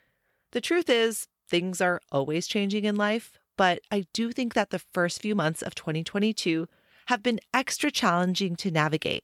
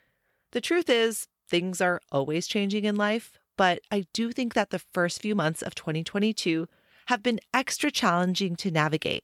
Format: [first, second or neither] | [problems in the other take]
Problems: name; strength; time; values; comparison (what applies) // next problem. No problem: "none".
neither | none